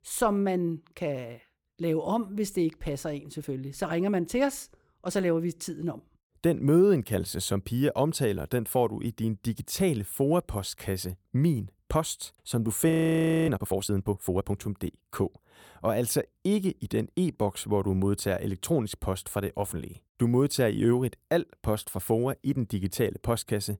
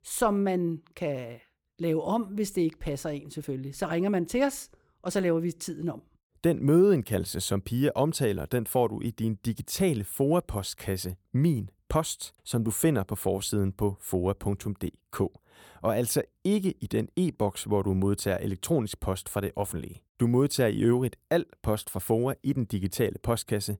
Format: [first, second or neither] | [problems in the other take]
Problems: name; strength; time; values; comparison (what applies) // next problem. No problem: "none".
second | audio freezing; at 13 s for 0.5 s